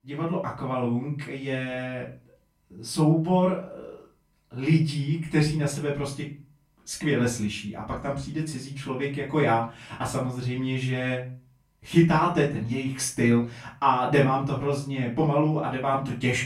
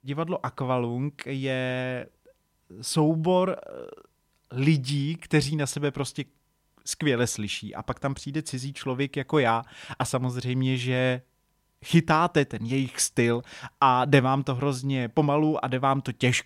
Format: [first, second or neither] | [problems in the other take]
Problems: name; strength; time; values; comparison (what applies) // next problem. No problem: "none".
second | off-mic speech; far // room echo; slight; dies away in 0.3 s